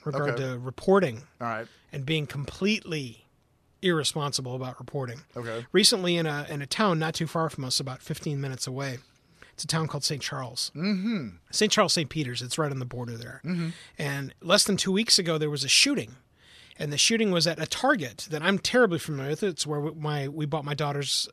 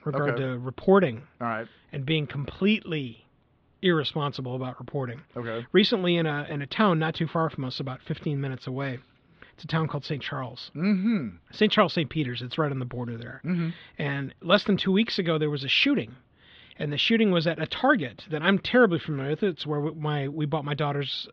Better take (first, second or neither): first